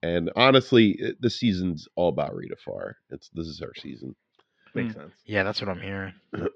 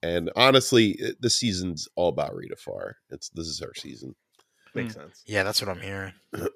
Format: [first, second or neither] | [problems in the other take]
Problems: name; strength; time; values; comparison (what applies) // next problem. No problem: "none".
second | muffled; slightly; fading above 3.5 kHz